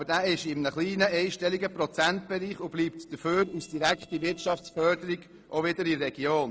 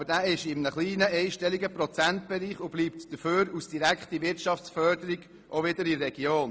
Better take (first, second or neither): second